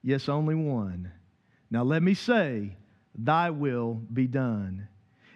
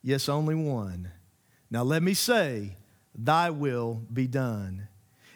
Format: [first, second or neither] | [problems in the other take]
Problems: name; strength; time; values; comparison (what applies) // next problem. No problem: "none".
second | muffled; slightly; fading above 2.5 kHz